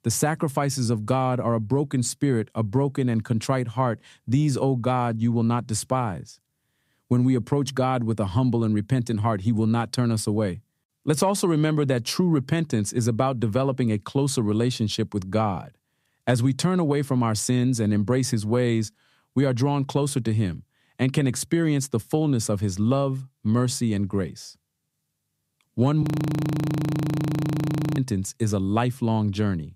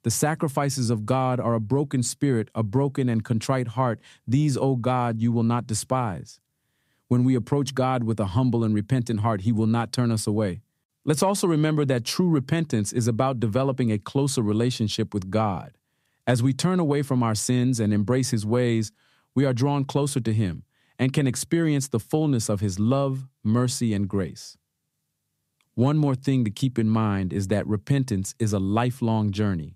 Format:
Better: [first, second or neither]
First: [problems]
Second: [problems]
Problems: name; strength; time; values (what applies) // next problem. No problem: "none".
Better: second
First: audio freezing; at 26 s for 2 s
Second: none